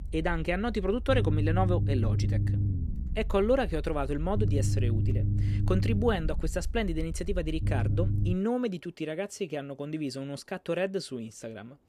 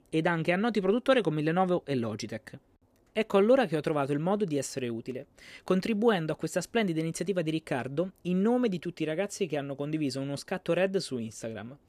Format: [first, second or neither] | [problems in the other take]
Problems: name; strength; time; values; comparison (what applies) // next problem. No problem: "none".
second | low rumble; loud; until 8.5 s; 10 dB below the speech